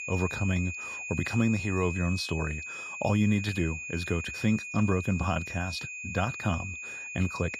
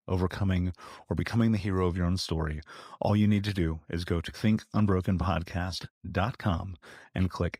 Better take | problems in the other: second | high-pitched whine; loud; throughout; 2.5 kHz, 6 dB below the speech

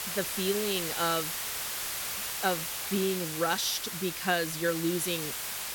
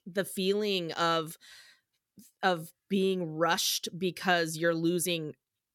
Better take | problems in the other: second | hiss; loud; throughout; 2 dB below the speech

